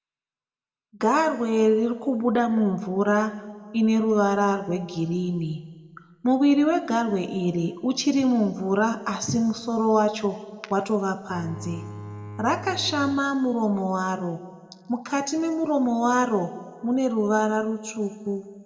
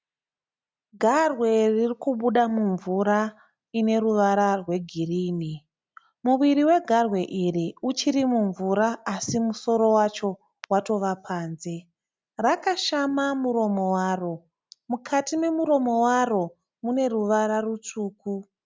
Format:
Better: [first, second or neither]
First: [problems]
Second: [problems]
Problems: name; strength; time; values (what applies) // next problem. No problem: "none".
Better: second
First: background sound (Bowed string instrument); 13 dB below the speech // room echo; dies away in 1.2 s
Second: none